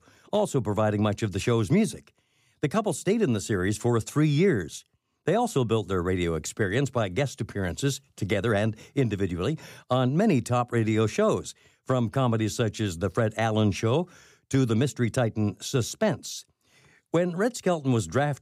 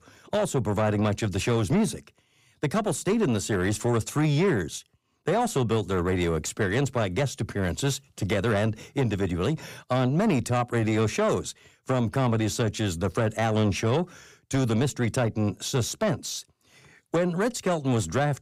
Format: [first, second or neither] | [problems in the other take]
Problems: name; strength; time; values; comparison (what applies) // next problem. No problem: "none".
first | distortion; slight; 10 dB below the speech